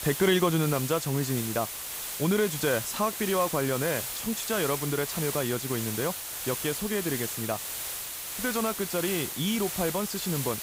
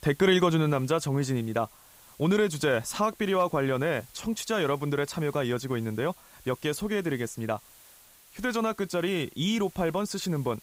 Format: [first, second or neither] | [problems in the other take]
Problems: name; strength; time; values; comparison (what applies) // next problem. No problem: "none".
second | hiss; loud; throughout; 3 dB below the speech; faint in the second